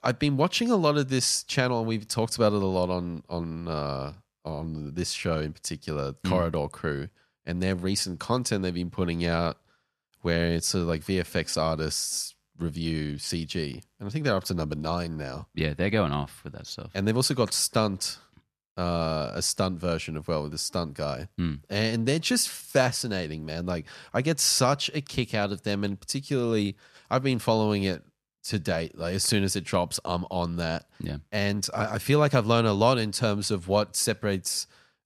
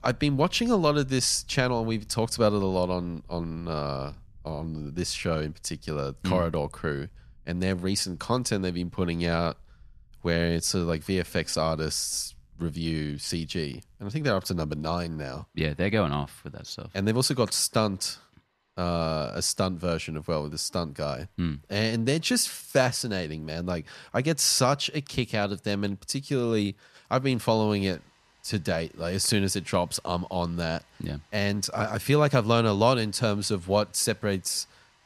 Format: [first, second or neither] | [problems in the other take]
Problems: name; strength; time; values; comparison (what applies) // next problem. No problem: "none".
first | rain or running water; faint; throughout; 30 dB below the speech